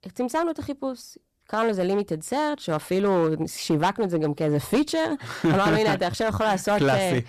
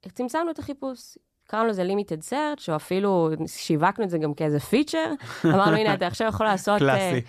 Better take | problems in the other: second | distortion; slight; 7% of the sound clipped

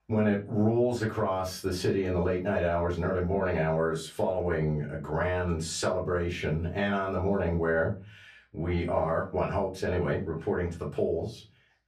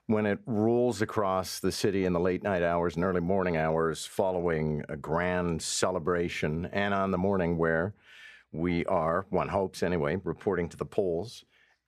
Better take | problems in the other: second | off-mic speech; far // room echo; very slight; dies away in 0.3 s

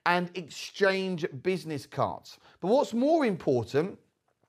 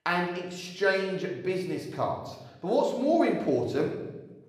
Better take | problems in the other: first | room echo; noticeable; dies away in 0.9 s // off-mic speech; somewhat distant

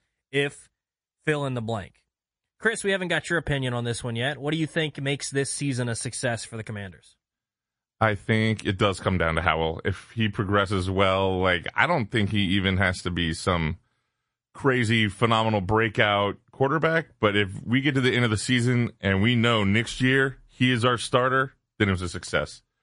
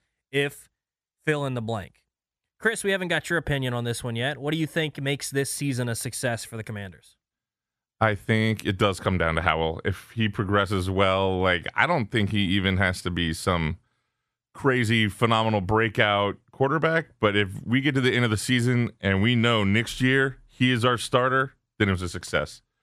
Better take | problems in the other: second | garbled, watery; slightly; nothing above 10.5 kHz

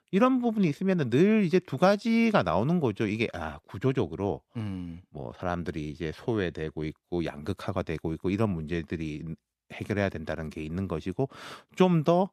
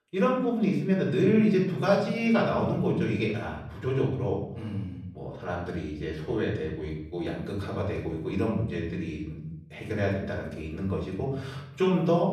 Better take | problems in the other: first | off-mic speech; far // room echo; noticeable; dies away in 0.9 s

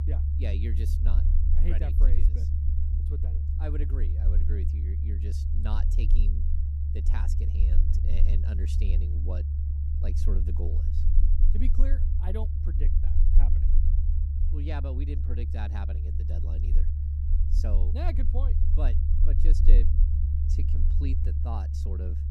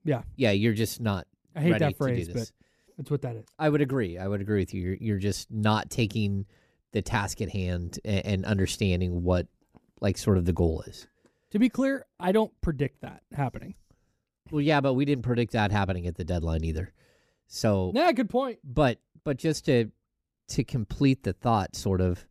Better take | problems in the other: second | low rumble; loud; throughout; 1 dB below the speech

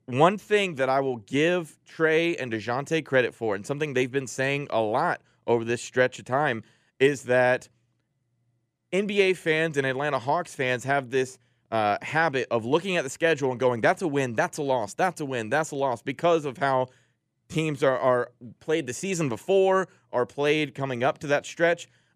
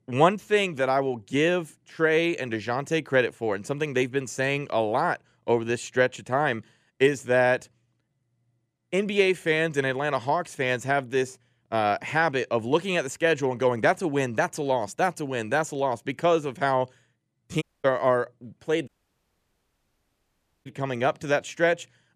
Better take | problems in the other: first | audio cutting out; at 18 s and at 19 s for 2 s

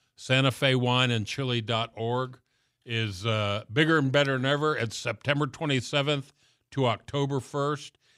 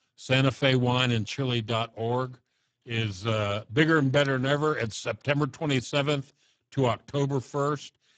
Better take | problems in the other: first | garbled, watery; badly; nothing above 7.5 kHz

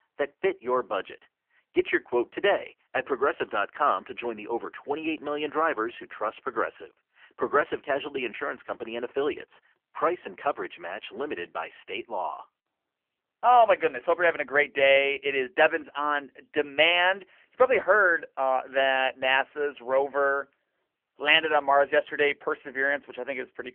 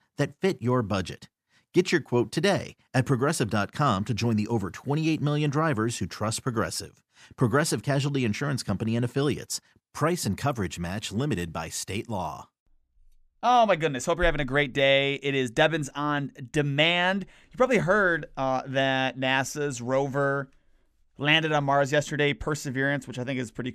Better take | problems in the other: second | phone-call audio; poor line; nothing above 3 kHz

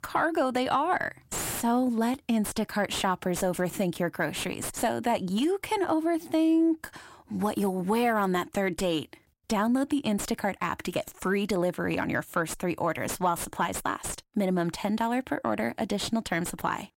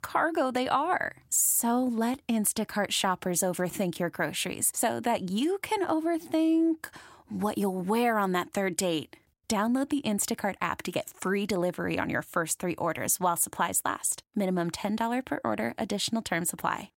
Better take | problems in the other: second | distortion; slight; 9 dB below the speech

